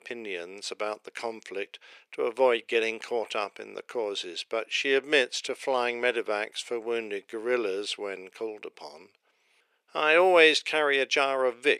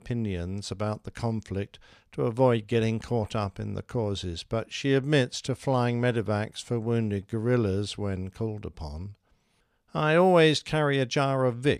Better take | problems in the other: second | thin; very; fading below 400 Hz

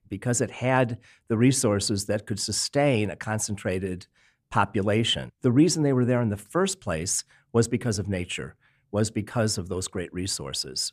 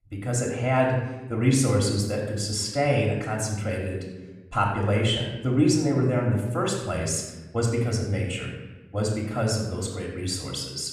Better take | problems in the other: first | off-mic speech; far // room echo; noticeable; dies away in 0.9 s

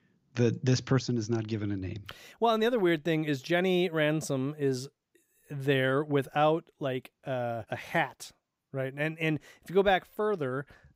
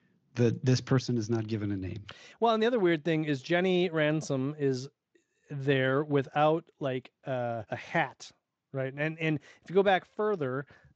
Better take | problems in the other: first | garbled, watery; slightly

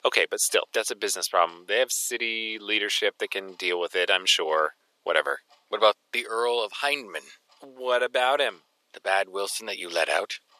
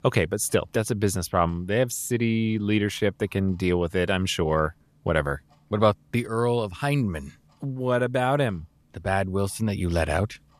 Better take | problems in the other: second | thin; very; fading below 450 Hz

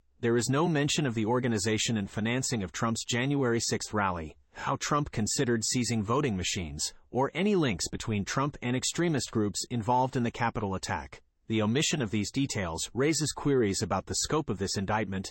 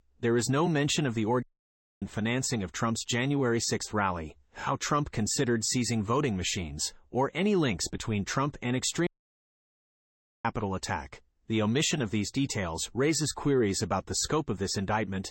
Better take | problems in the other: first | audio cutting out; at 1.5 s for 0.5 s and at 9 s for 1.5 s

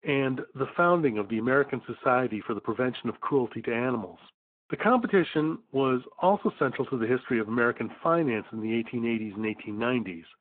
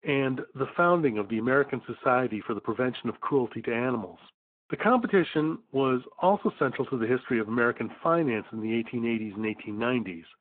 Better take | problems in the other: neither | phone-call audio; the same in both

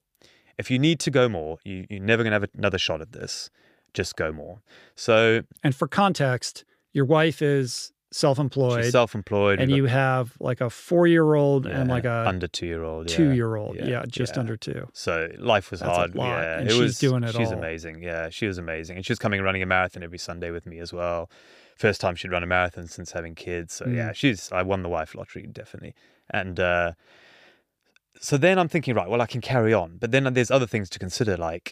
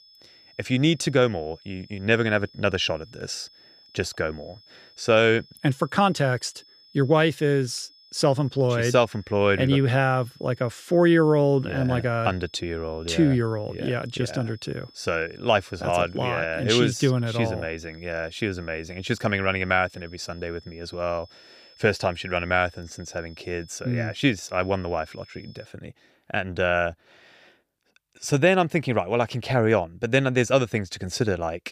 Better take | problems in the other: first | high-pitched whine; faint; until 26 s; 5 kHz, 25 dB below the speech

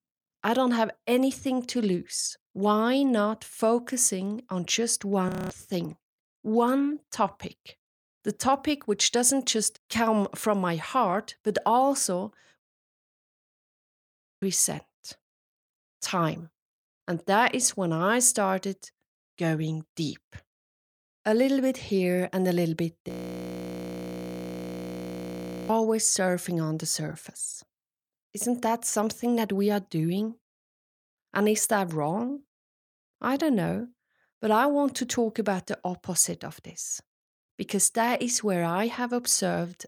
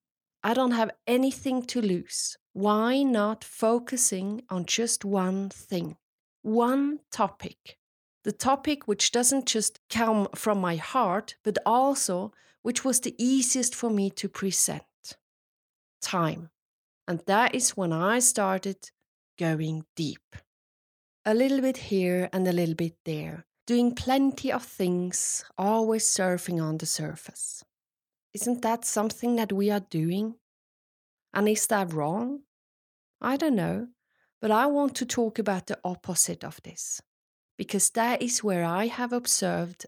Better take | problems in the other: second | audio freezing; at 5.5 s, at 13 s for 2 s and at 23 s for 2.5 s

